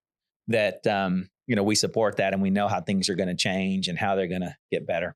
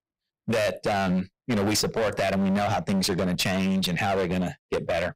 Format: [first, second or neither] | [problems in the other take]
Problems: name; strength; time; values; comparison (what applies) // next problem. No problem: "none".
first | distortion; heavy; 27% of the sound clipped